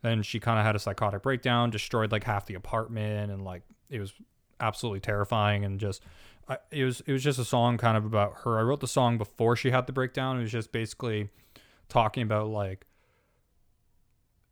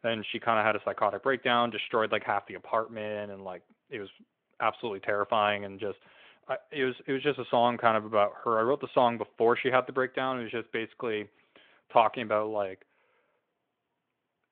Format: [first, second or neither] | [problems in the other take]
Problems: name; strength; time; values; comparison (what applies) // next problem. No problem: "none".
first | phone-call audio; nothing above 3.5 kHz